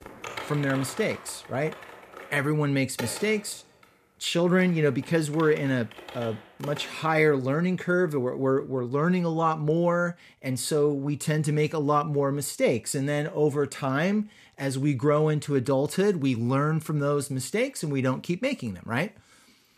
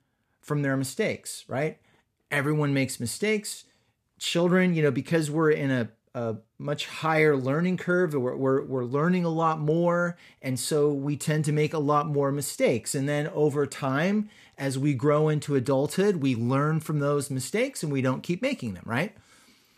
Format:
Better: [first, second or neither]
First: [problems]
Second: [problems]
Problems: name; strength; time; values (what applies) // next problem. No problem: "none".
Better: second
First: keyboard typing; noticeable; until 7 s; peak 9 dB below the speech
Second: none